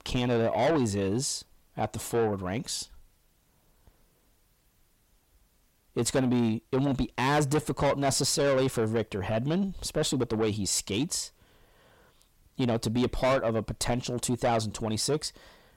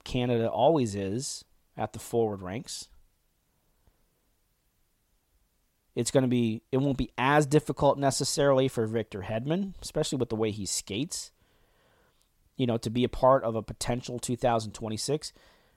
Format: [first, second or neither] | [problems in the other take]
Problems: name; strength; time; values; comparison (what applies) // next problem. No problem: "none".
second | distortion; heavy; 7 dB below the speech